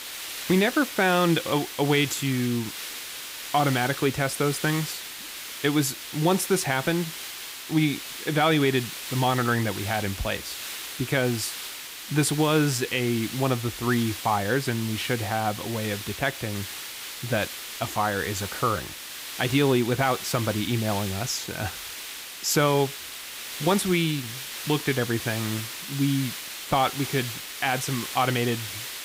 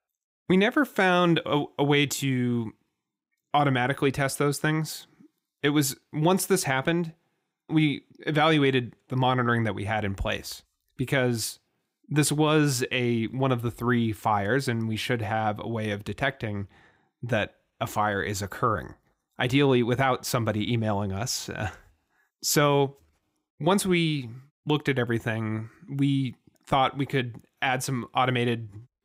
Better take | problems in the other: second | hiss; loud; throughout; 8 dB below the speech

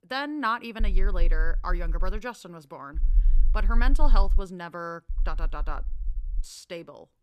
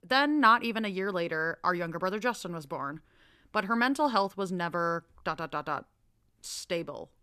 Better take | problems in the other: second | low rumble; faint; from 1 to 2 s, from 3 to 4.5 s and from 5 to 6.5 s; 25 dB below the speech

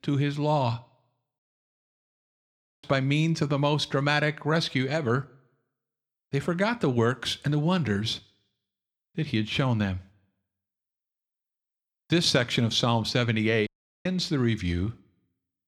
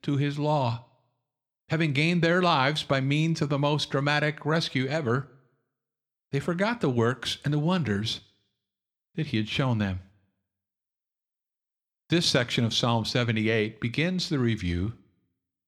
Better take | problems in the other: second | audio cutting out; at 1.5 s for 1.5 s and at 14 s

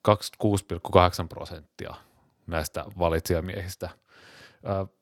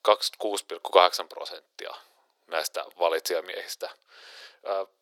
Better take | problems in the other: first | thin; very; fading below 400 Hz

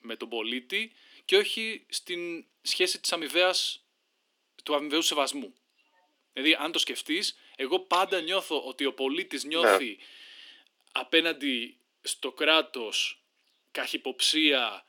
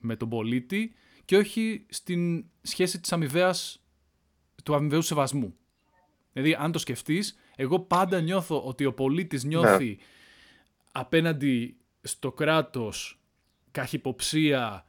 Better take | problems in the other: second | thin; somewhat; fading below 300 Hz

